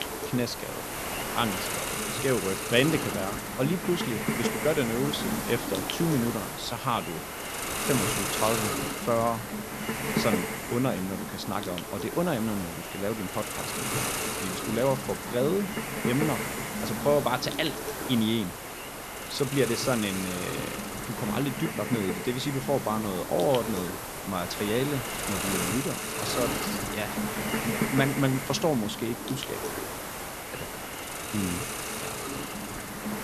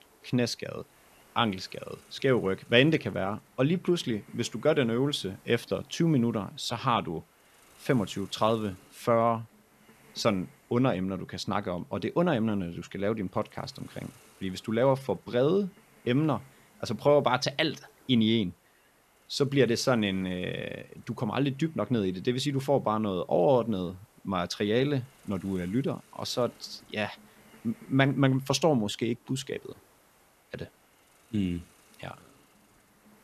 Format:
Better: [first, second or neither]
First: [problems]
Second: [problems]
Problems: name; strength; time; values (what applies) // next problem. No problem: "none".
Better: second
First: hiss; loud; throughout; 2 dB below the speech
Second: hiss; faint; throughout; 30 dB below the speech